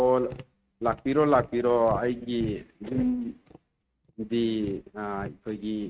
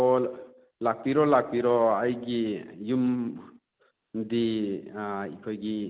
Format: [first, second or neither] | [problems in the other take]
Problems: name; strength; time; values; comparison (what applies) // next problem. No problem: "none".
second | noise reduction (neural mask model RNNoise)